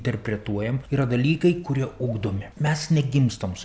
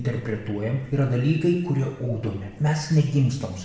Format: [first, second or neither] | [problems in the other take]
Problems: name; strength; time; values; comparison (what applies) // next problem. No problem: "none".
first | room echo; dies away in 0.8 s